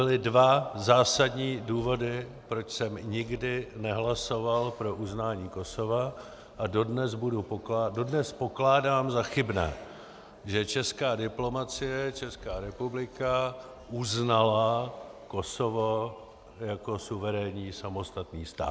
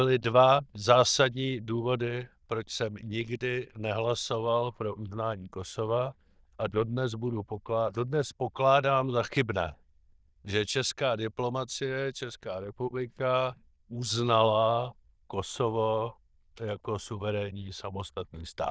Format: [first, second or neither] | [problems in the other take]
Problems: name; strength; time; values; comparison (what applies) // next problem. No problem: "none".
first | noise reduction (neural diffusion model UNIVERSE++)